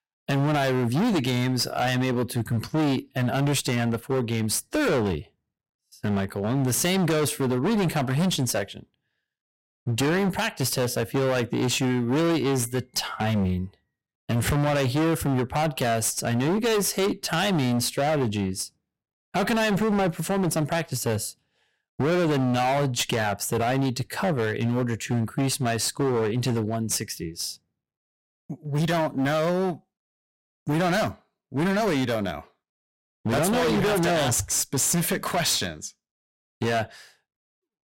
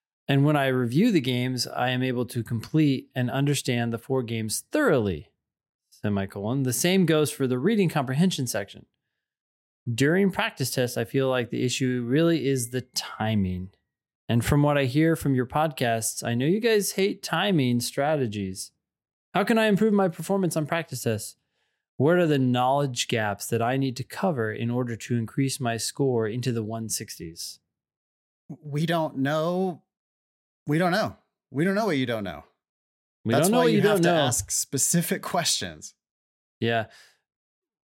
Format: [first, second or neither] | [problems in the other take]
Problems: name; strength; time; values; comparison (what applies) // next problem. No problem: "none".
second | distortion; heavy; 24% of the sound clipped